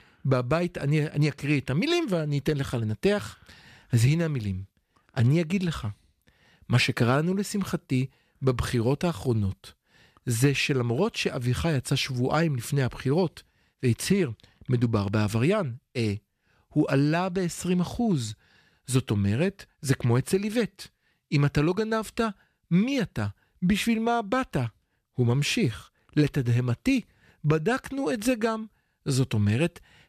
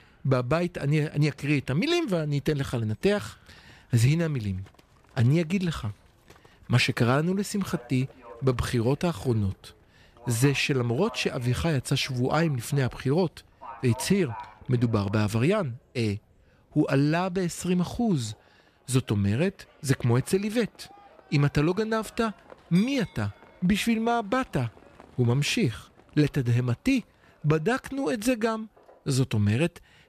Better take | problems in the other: first | animal sounds; faint; throughout; 25 dB below the speech

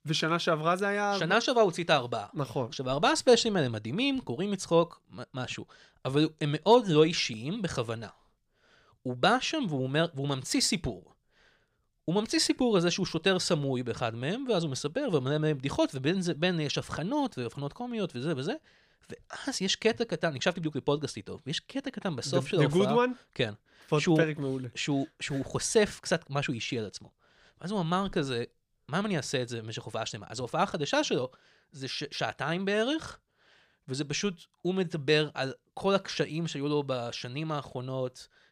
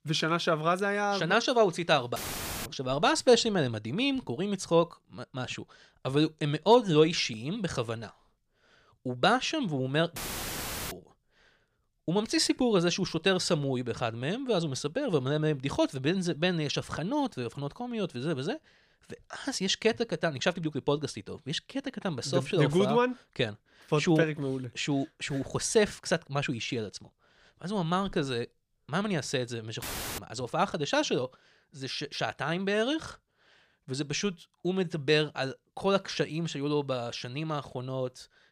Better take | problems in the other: first | audio cutting out; filled with static; at 2 s for 0.5 s, at 10 s for 1 s and at 30 s

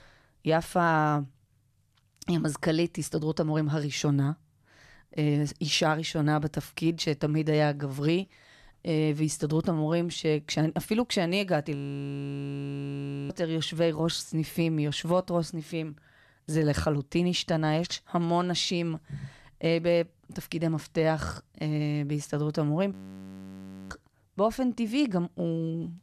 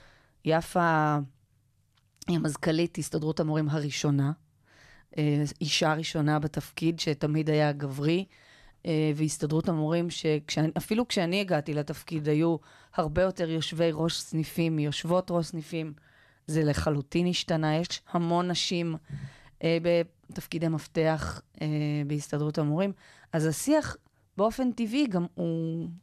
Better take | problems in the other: second | audio freezing; at 12 s for 1.5 s and at 23 s for 1 s

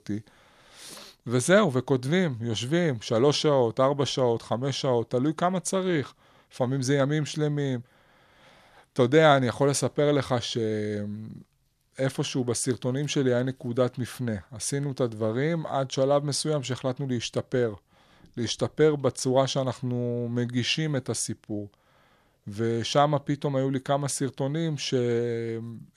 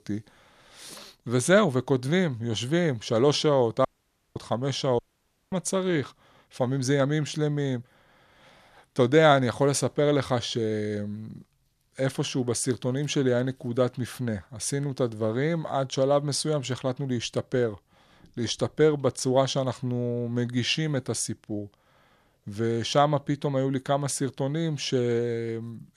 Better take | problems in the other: first | audio cutting out; at 4 s for 0.5 s and at 5 s for 0.5 s

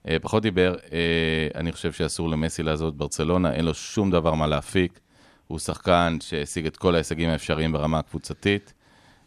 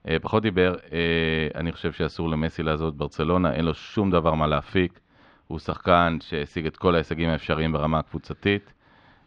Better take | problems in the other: first | muffled; slightly; fading above 4 kHz

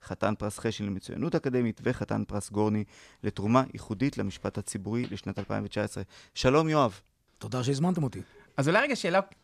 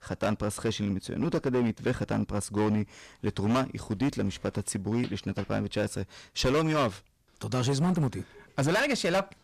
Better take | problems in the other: first | distortion; heavy; 9% of the sound clipped

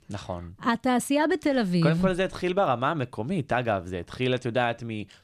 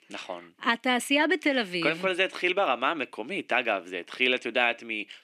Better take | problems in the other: first | thin; very slightly; fading below 300 Hz

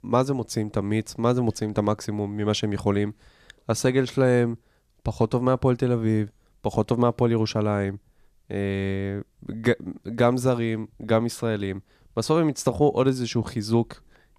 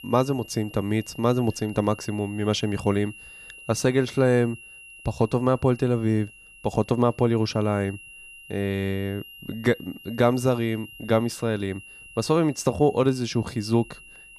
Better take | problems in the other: first | high-pitched whine; noticeable; throughout; 3 kHz, 20 dB below the speech

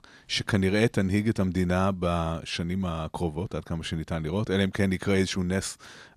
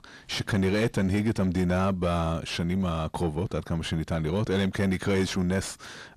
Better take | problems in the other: first | distortion; slight; 10 dB below the speech

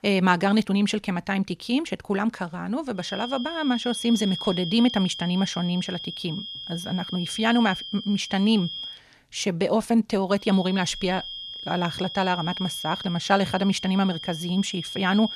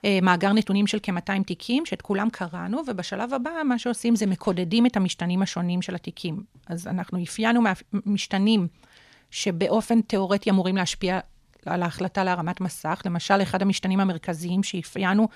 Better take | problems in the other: second | high-pitched whine; loud; from 3 to 9 s and from 10 s on; 3.5 kHz, 8 dB below the speech

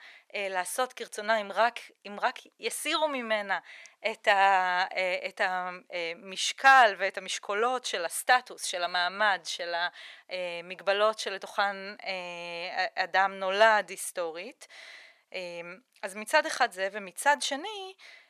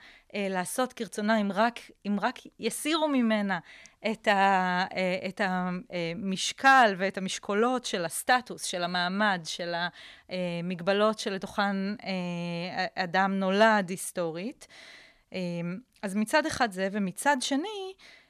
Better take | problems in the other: second | thin; very; fading below 600 Hz

